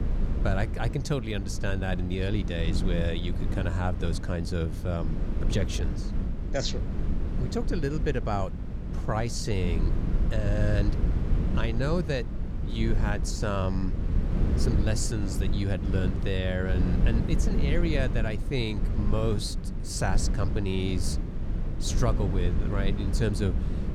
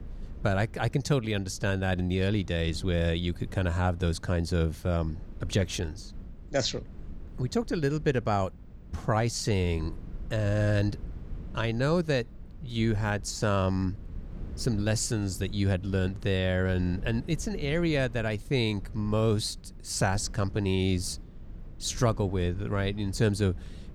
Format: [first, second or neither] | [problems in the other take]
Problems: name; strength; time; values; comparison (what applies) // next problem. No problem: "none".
second | low rumble; loud; throughout; 7 dB below the speech; faint in the second